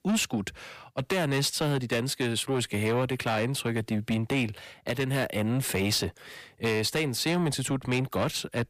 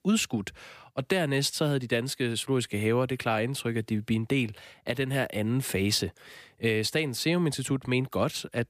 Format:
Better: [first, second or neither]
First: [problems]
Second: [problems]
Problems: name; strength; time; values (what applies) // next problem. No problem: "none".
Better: second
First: distortion; slight; 10 dB below the speech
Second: none